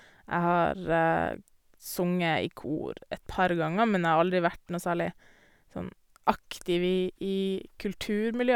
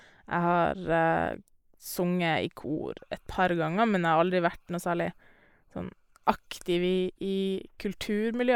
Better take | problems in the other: first | noise reduction (neural mask model Resemble Enhance denoiser)

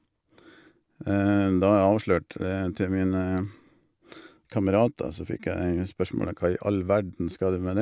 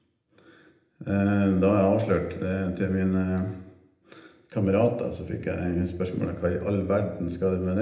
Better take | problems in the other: first | room echo; dies away in 0.8 s

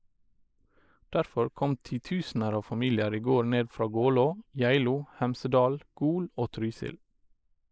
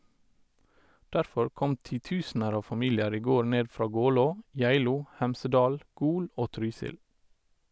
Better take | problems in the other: second | noise reduction (neural mask model Resemble Enhance denoiser)

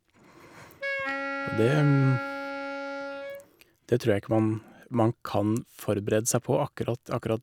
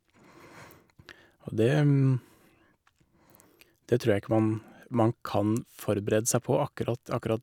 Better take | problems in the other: second | background sound (Wind instrument, woodwind instrument); 6 dB below the speech

